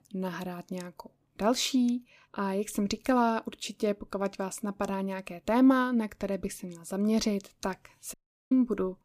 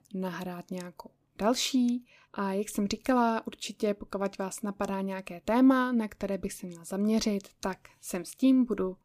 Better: second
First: audio cutting out; at 8 s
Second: none

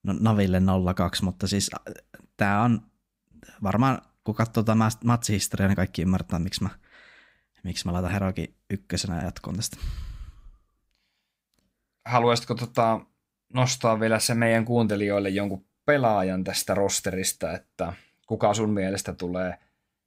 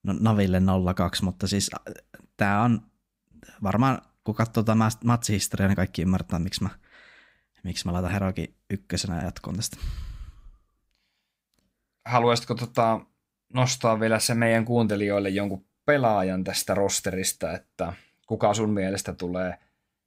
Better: neither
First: none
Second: none

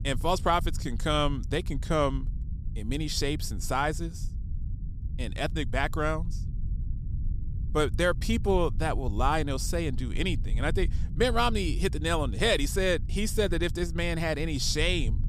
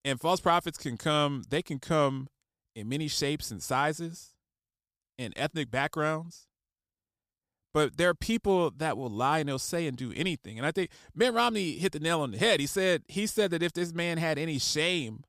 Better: second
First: low rumble; faint; throughout; 20 dB below the speech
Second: none

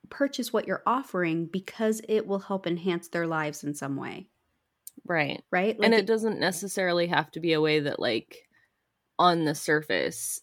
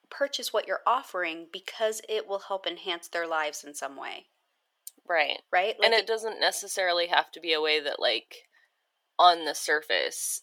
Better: first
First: none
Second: thin; very; fading below 500 Hz

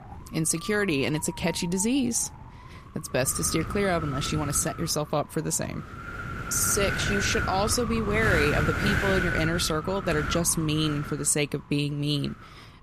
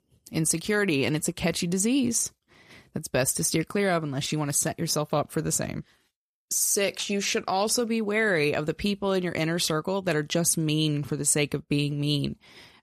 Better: second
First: wind noise on the microphone; heavy; 3 dB below the speech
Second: none

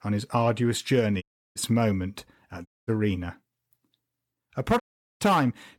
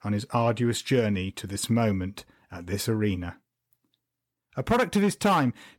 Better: second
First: audio cutting out; at 1 s, at 2.5 s and at 5 s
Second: none

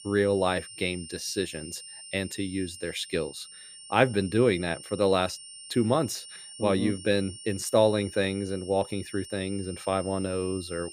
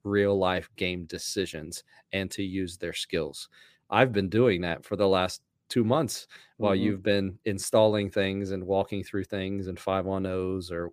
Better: second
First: high-pitched whine; noticeable; throughout; 9 kHz, 15 dB below the speech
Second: none

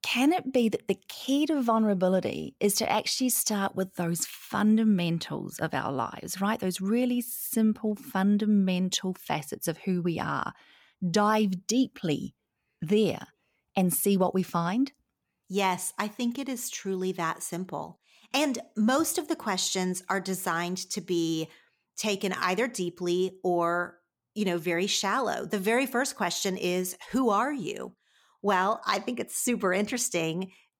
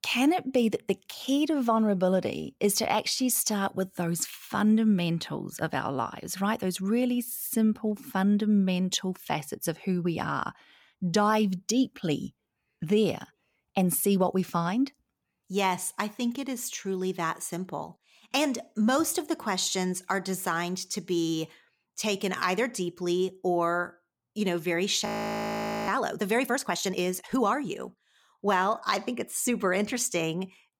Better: first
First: none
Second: audio freezing; at 25 s for 1 s

